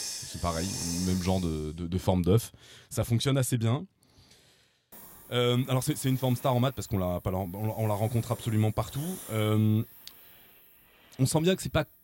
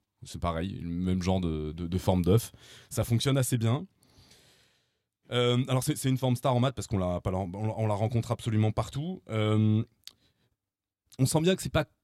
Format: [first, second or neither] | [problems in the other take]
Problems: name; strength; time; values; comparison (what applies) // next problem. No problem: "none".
second | hiss; noticeable; until 3.5 s and from 5 s on; 15 dB below the speech